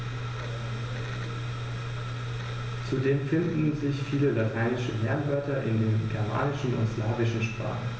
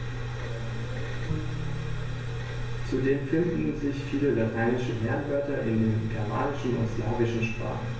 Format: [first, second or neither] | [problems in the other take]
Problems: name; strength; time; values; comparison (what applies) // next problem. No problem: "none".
first | background sound (Bowed string instrument); 12 dB below the speech // room echo; dies away in 0.2 s